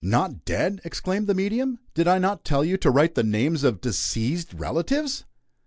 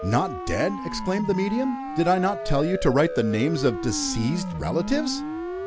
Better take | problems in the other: first | background sound (Siren); 7 dB below the speech

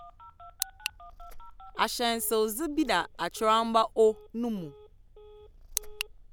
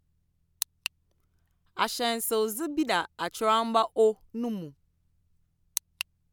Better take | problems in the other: second | background sound (Purr + Telephone); 18 dB below the speech

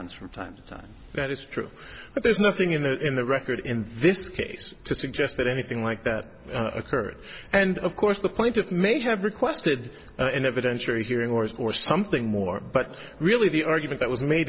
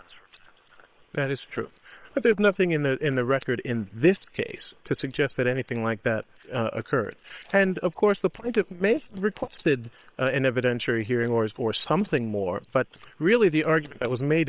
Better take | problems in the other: first | noise reduction (neural separator model SepFormer WHAM!)

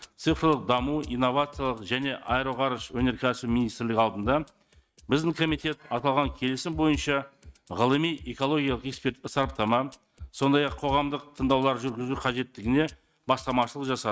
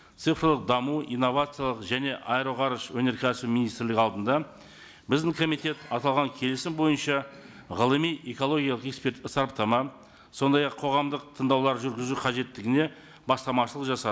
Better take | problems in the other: second | noise reduction (neural mask model RNNoise)

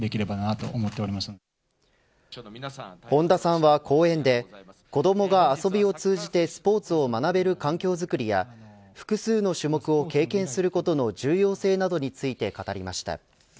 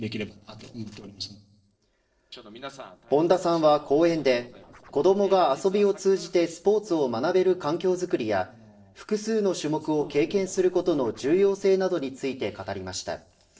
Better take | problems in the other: first | noise reduction (neural separator model SepFormer DNS4)

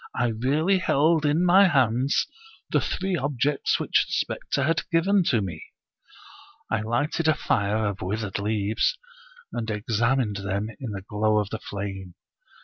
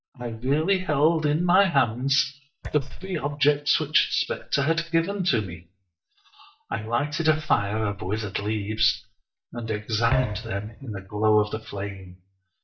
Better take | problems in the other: first | noise reduction (neural mask model DeepFilterNet 3)

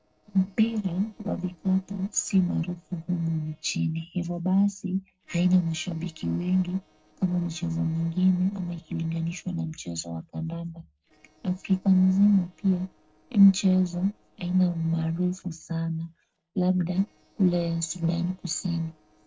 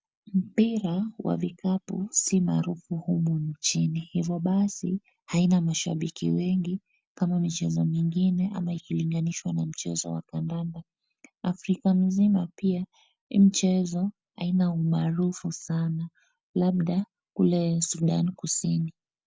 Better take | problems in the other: second | noise reduction (neural separator model SepFormer DNS4)

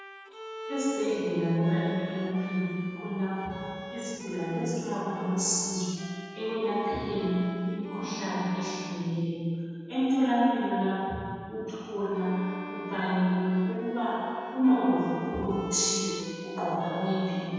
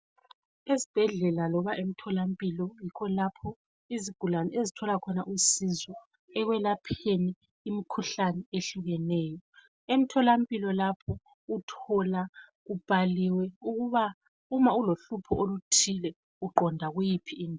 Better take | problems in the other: second | background sound (Bowed string instrument); 14 dB below the speech // room echo; dies away in 2.1 s

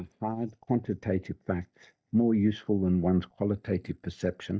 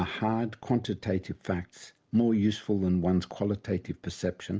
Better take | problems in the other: second | noise reduction (neural mask model DeepFilterNet 3)

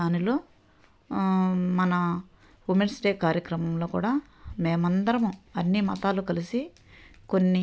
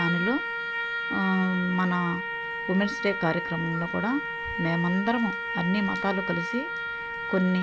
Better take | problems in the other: first | background sound (Trumpet); 3 dB below the speech

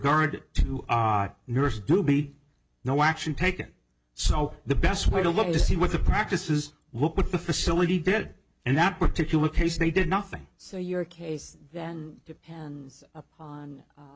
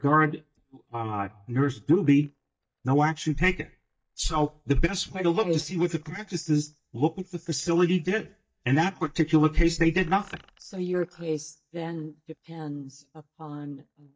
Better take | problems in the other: first | noise reduction (neural mask model DeepFilterNet 3)

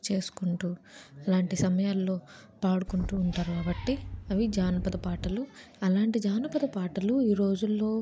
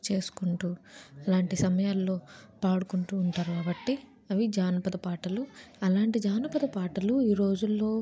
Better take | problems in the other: second | background sound (Wind); 9 dB below the speech

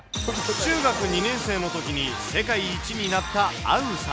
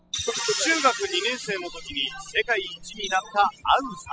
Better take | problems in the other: first | noise reduction (classical method spectral subtraction)

